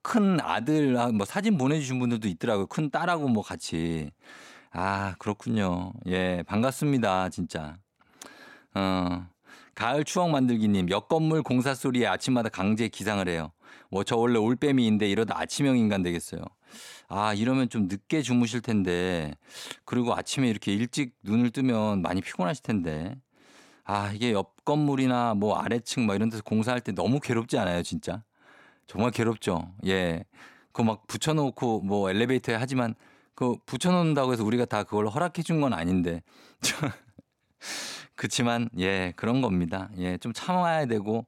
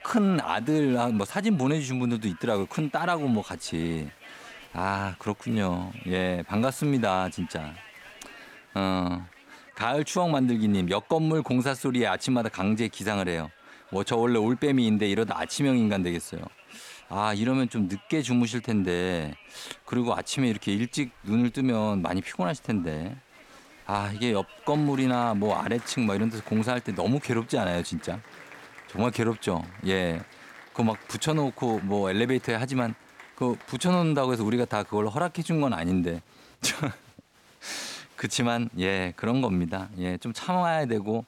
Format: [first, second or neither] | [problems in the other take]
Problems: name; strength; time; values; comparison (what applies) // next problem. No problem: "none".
first | crowd noise; faint; throughout; 20 dB below the speech